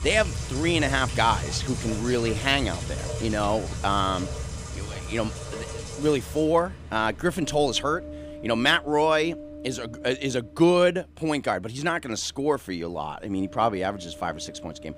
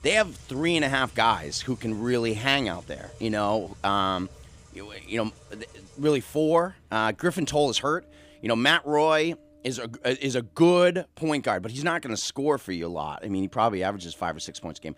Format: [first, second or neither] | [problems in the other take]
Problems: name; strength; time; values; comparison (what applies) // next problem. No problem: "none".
second | rain or running water; loud; throughout; 9 dB below the speech; faint in the second